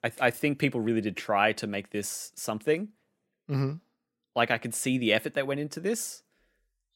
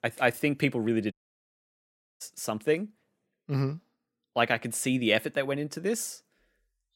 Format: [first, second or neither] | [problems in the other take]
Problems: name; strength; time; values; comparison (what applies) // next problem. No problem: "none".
first | audio cutting out; at 1 s for 1 s